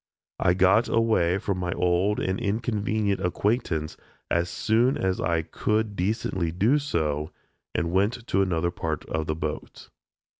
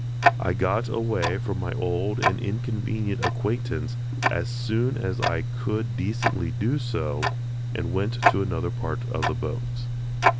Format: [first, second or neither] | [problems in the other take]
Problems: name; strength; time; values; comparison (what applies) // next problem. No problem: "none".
first | background sound (Tick-tock); 2 dB above the speech